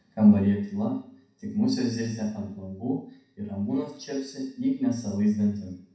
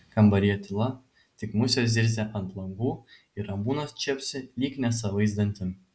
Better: second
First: room echo; dies away in 0.6 s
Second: none

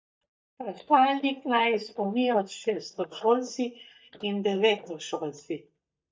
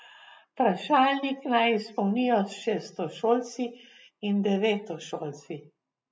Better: second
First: noise reduction (neural mask model DeepFilterNet 3)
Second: none

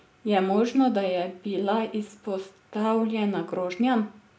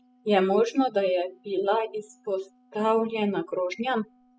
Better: first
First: none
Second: noise reduction (classical method spectral subtraction)

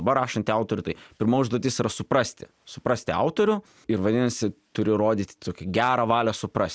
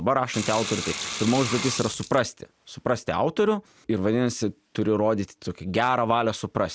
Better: first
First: none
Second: background sound (Sink (filling or washing) / Water); 8 dB below the speech

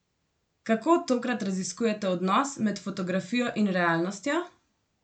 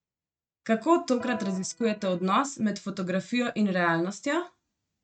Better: first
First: none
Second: noise reduction (neural mask model RNNoise)

